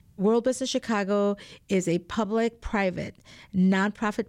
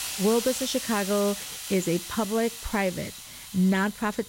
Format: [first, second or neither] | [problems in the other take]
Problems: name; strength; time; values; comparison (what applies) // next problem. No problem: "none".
first | hiss; loud; throughout; 7 dB below the speech